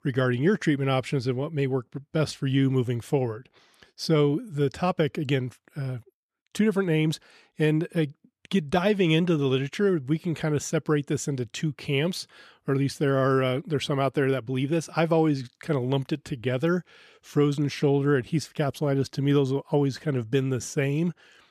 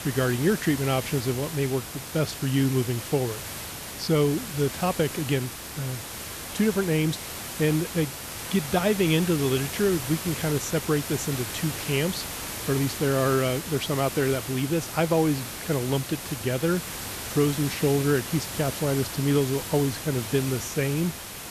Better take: first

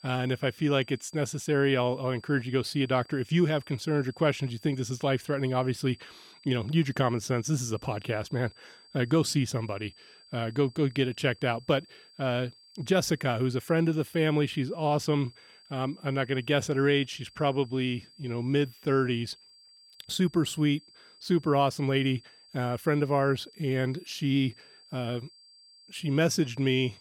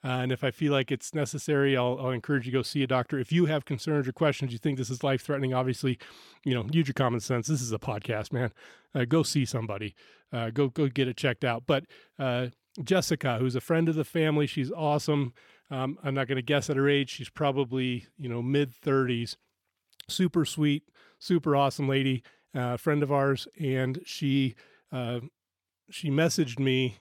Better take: second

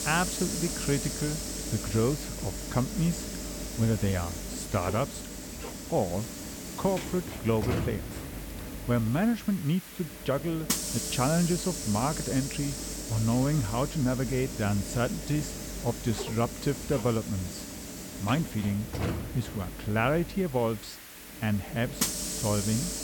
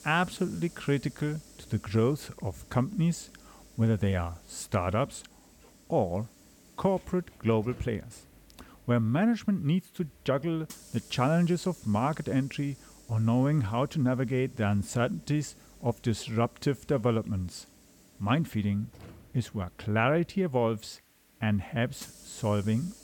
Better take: second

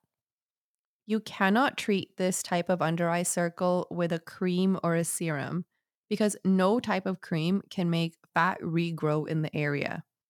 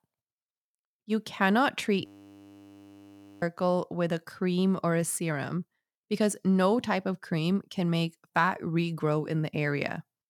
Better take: first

